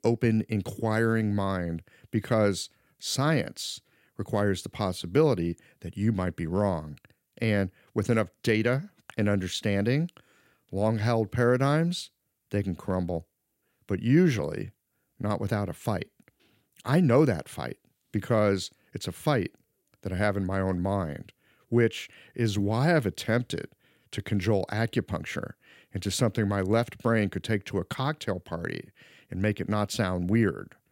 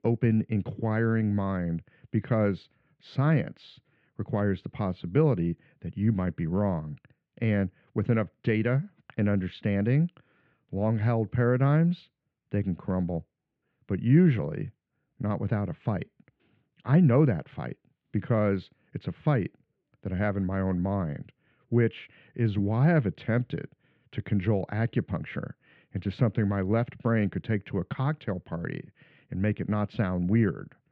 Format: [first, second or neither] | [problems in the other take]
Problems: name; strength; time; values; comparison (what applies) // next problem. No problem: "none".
first | muffled; very; fading above 3 kHz